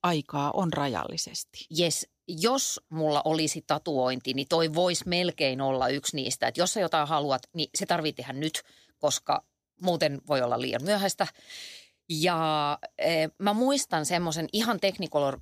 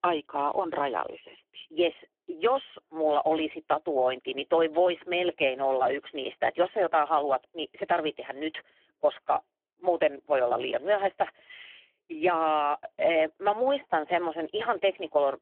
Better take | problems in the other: first | phone-call audio; poor line; nothing above 3 kHz

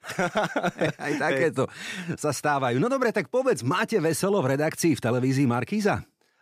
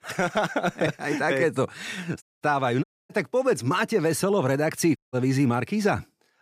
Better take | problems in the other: first | audio cutting out; at 2 s, at 3 s and at 5 s

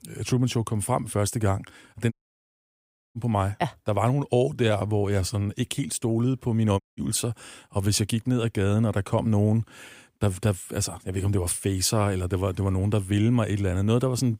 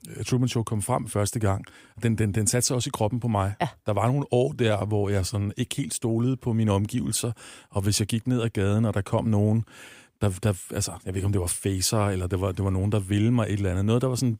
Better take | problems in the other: second | audio cutting out; at 2 s for 1 s and at 7 s

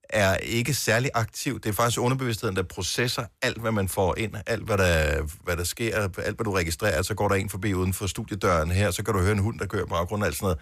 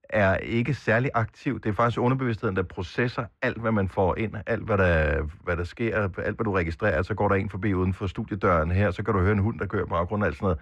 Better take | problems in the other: first | muffled; very; fading above 1.5 kHz

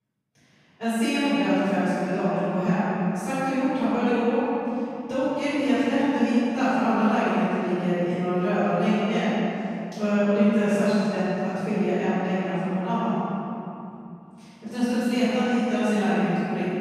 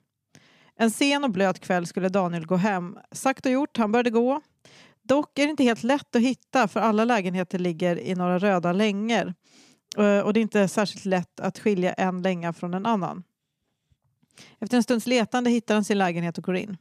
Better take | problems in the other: second | room echo; strong; dies away in 2.8 s // off-mic speech; far

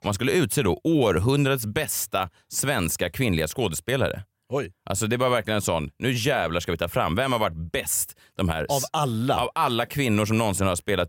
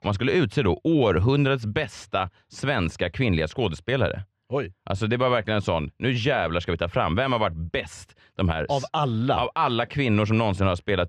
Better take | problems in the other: first | muffled; slightly; fading above 4 kHz

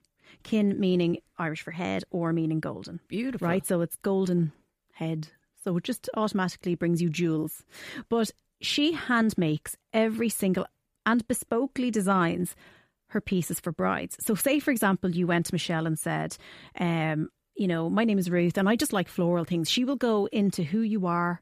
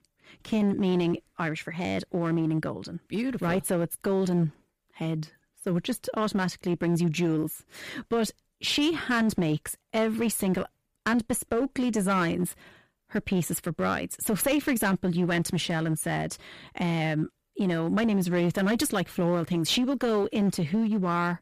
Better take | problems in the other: first | distortion; slight; 8% of the sound clipped

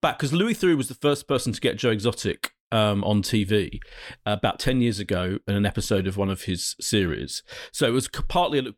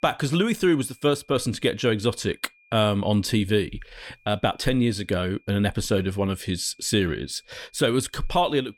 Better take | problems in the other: first | high-pitched whine; faint; throughout; 2.5 kHz, 35 dB below the speech

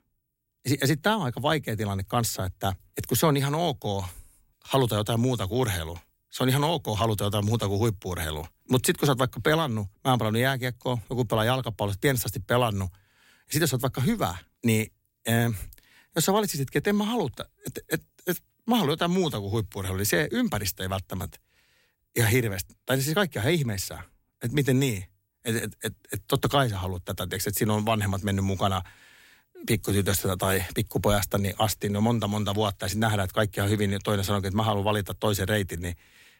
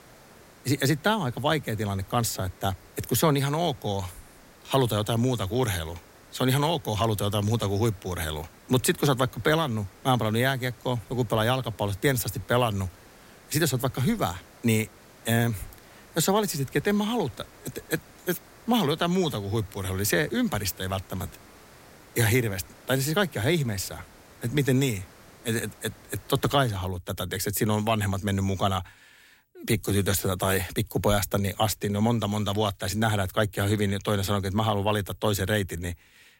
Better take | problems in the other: first | hiss; faint; until 27 s; 25 dB below the speech

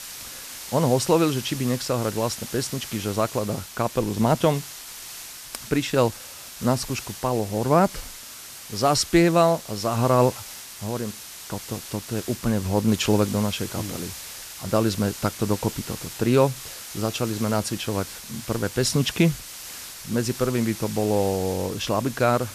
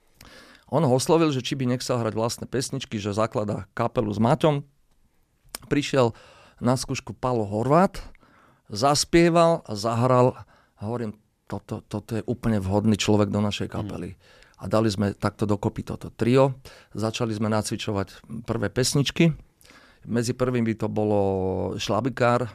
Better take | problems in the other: second | hiss; noticeable; throughout; 10 dB below the speech

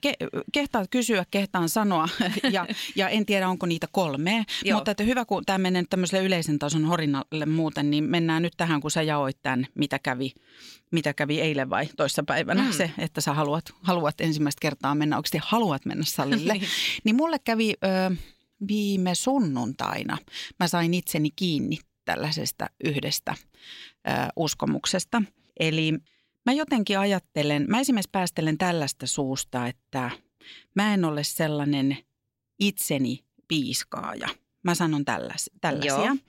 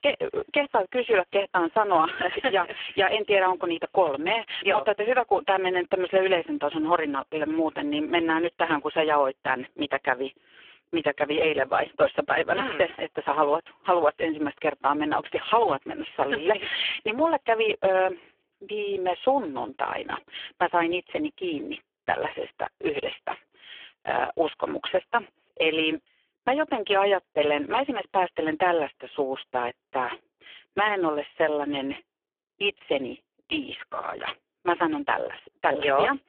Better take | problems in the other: first | phone-call audio; poor line

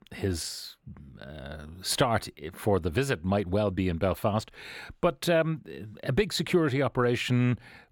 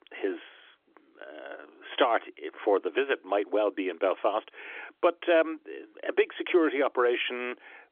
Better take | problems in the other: first | phone-call audio; nothing above 3.5 kHz

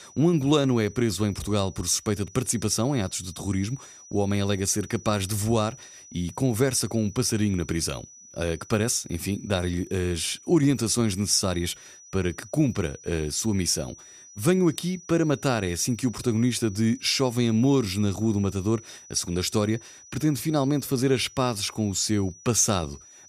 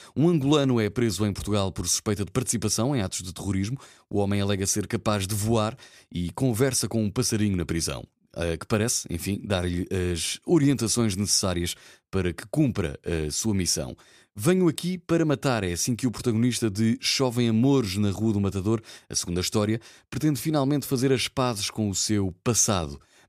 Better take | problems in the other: second | high-pitched whine; faint; throughout; 6 kHz, 20 dB below the speech

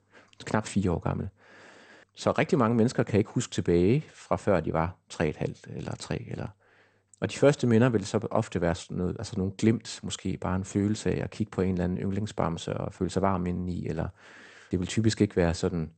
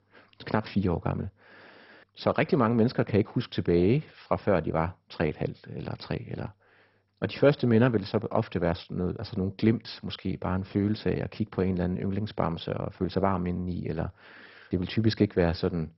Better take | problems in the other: first | garbled, watery; badly; nothing above 5.5 kHz; slightly in the first

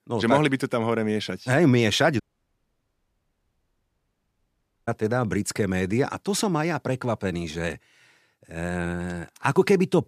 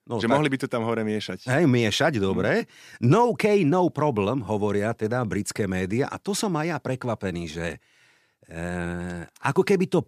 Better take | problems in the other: second | audio cutting out; at 2 s for 2.5 s

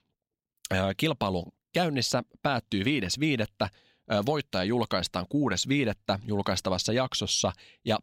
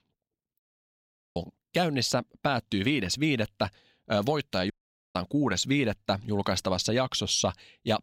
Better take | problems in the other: first | audio cutting out; at 0.5 s for 1 s and at 4.5 s

